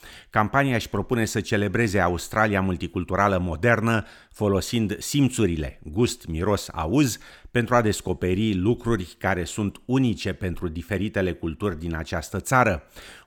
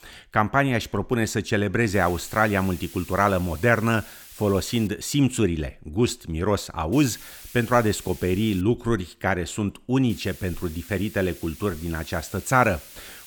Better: first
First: none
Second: hiss; noticeable; from 2 to 5 s, from 7 to 8.5 s and from 10 s on; 20 dB below the speech

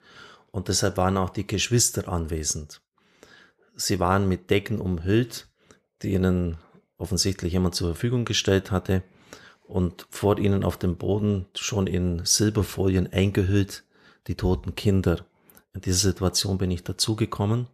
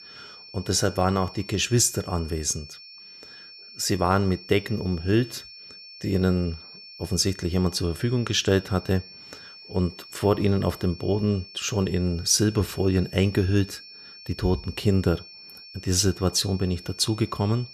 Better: first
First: none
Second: high-pitched whine; noticeable; throughout; 5.5 kHz, 15 dB below the speech

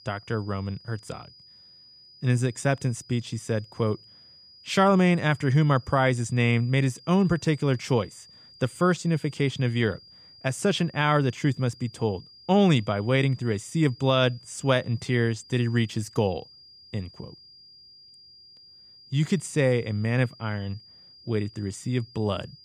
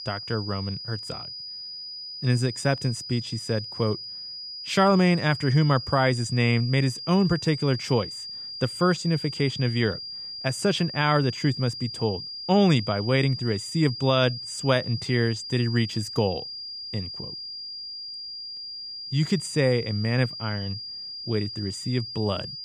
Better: first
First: high-pitched whine; faint; throughout; 5 kHz, 25 dB below the speech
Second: high-pitched whine; loud; throughout; 5 kHz, 9 dB below the speech

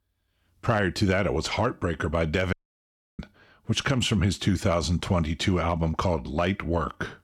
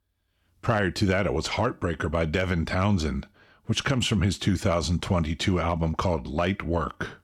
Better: second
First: audio cutting out; at 2.5 s for 0.5 s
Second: none

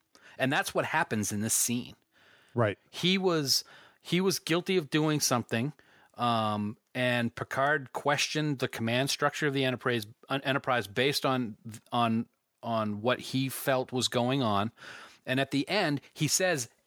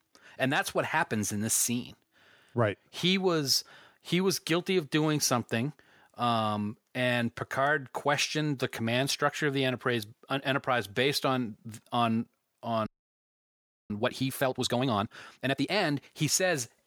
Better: first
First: none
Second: audio freezing; at 13 s for 1 s

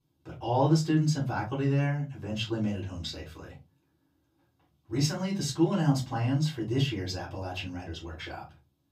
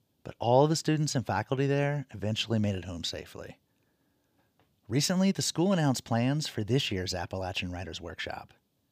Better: second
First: off-mic speech; far // room echo; very slight; dies away in 0.3 s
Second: none

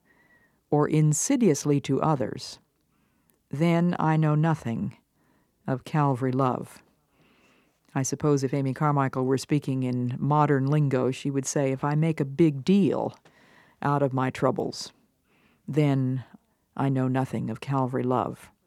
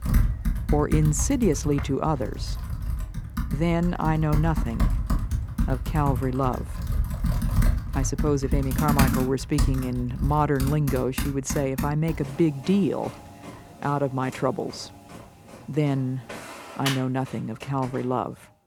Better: first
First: none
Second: household noises; loud; throughout; 3 dB below the speech

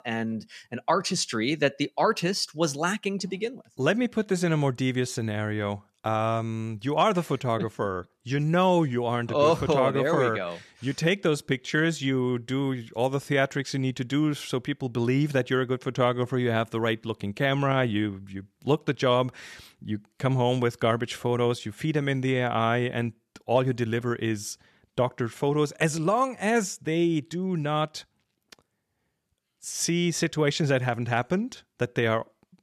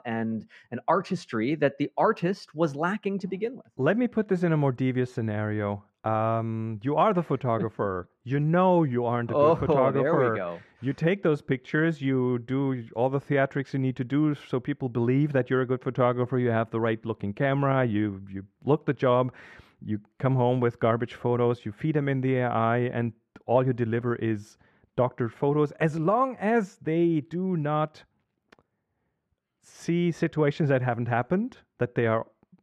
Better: first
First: none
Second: muffled; very; fading above 3 kHz

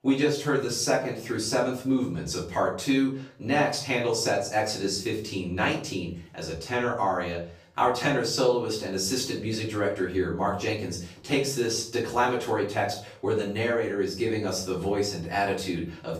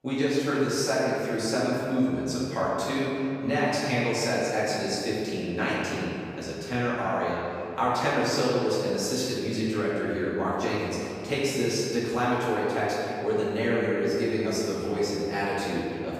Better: first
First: room echo; slight; dies away in 0.4 s // off-mic speech; far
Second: room echo; strong; dies away in 2.5 s // off-mic speech; far

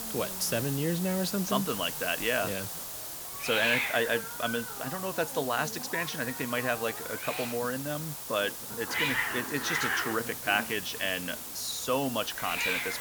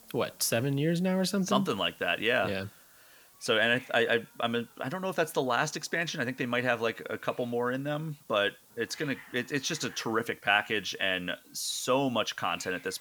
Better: second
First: hiss; loud; throughout; 2 dB below the speech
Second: hiss; faint; throughout; 25 dB below the speech

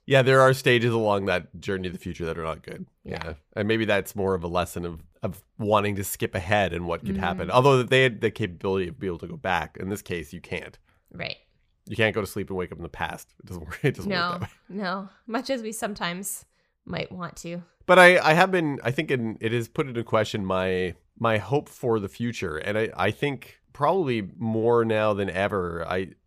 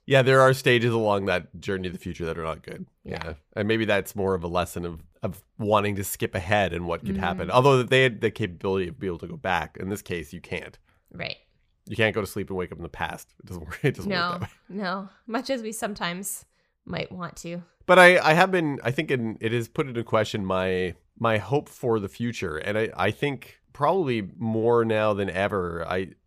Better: neither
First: none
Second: none

